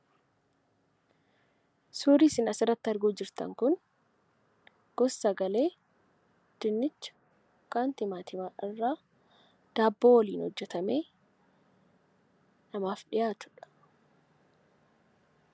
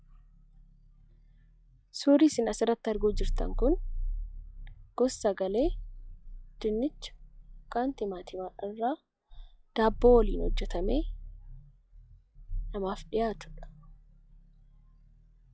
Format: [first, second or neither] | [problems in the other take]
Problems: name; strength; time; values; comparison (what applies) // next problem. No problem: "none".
first | noise reduction (classical method log-MMSE)